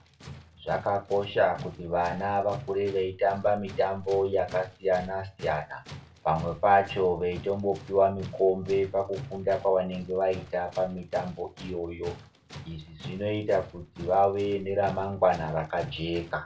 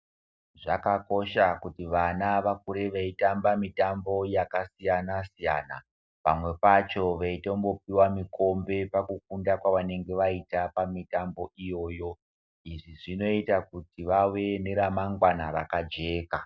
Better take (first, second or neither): second